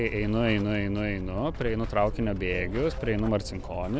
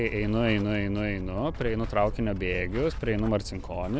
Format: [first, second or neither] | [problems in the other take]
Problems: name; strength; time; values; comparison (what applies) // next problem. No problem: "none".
second | background sound (Subway, metro, underground); 20 dB below the speech